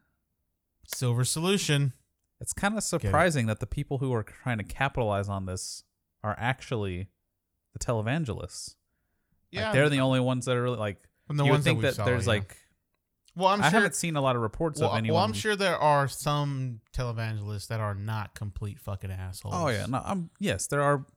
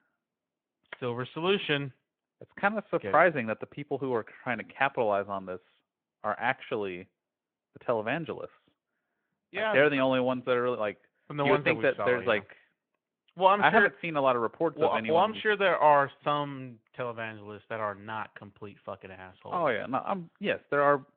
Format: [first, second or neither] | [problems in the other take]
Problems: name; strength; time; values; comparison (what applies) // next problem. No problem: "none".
first | phone-call audio